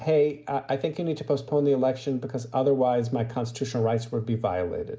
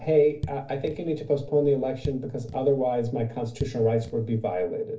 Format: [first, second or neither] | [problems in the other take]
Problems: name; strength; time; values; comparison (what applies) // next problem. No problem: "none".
first | noise reduction (neural separator model SepFormer DNS4)